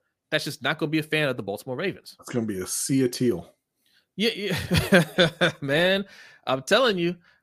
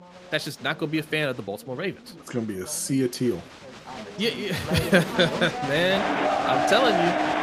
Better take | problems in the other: first | crowd noise; loud; throughout; 1 dB below the speech

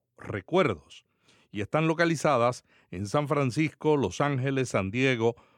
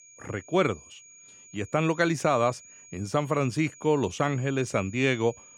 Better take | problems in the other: first | high-pitched whine; faint; throughout; 6.5 kHz, 20 dB below the speech

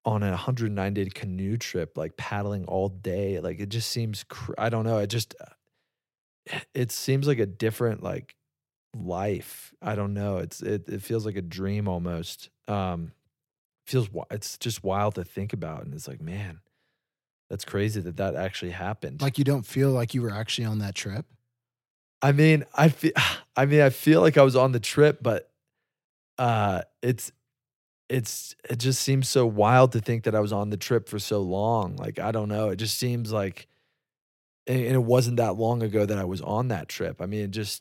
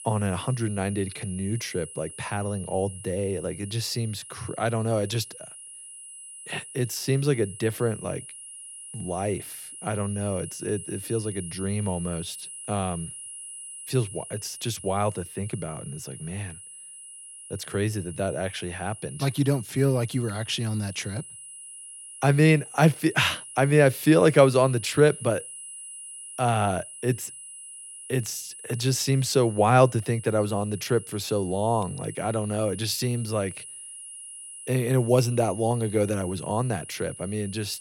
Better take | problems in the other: first | high-pitched whine; noticeable; throughout; 10.5 kHz, 15 dB below the speech

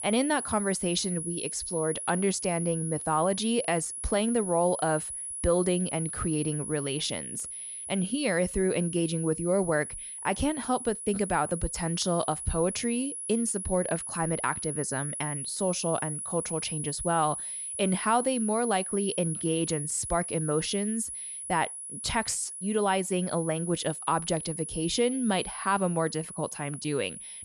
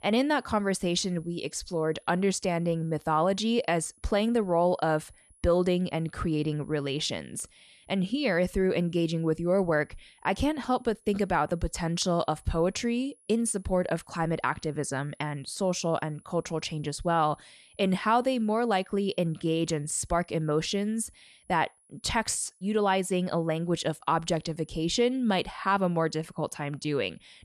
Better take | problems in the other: second | high-pitched whine; loud; throughout; 10.5 kHz, 5 dB below the speech; faint in the second

